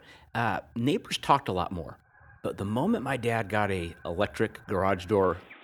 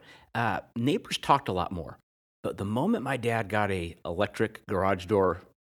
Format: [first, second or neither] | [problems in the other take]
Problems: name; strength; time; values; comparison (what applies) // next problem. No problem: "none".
second | animal sounds; faint; throughout; 25 dB below the speech